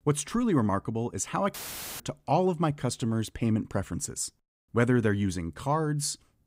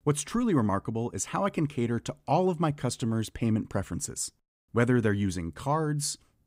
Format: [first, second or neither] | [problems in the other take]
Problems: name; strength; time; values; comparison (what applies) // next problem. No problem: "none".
second | audio cutting out; filled with static; at 1.5 s